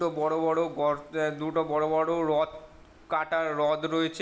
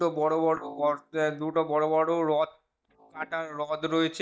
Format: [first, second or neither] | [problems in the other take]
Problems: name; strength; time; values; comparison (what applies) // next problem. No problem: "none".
first | noise reduction (neural mask model DeepFilterNet 3)